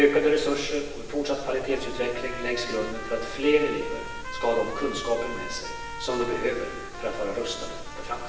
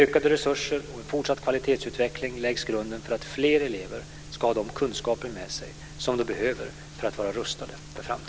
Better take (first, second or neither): second